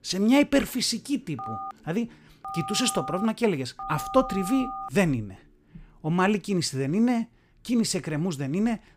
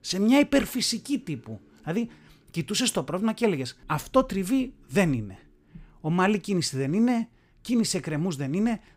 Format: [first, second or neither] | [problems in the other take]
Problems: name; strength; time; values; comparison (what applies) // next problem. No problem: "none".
second | phone ringing; noticeable; from 1.5 to 5 s; peak 8 dB below the speech